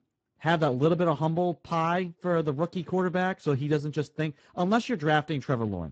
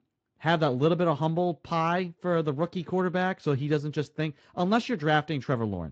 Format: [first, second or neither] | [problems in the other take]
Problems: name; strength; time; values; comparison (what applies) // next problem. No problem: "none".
second | garbled, watery; badly; nothing above 7.5 kHz; slightly in the second